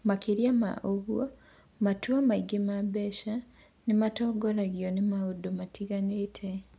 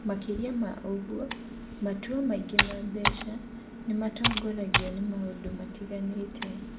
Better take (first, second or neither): first